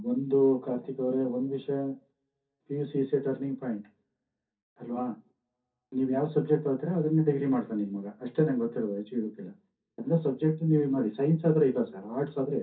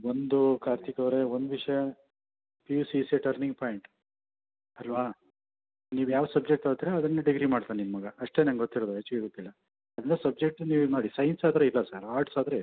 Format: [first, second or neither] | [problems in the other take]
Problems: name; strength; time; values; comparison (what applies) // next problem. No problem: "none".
second | room echo; dies away in 0.3 s